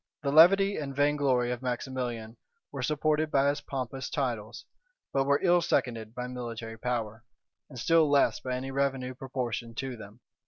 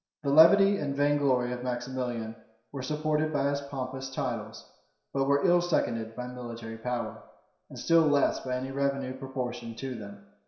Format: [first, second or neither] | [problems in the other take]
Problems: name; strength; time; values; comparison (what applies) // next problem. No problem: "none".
first | room echo; dies away in 0.7 s